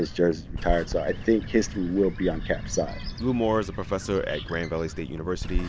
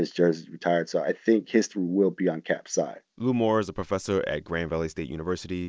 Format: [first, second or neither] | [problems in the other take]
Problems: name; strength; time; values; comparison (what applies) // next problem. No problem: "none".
second | background sound (Bird); 7 dB below the speech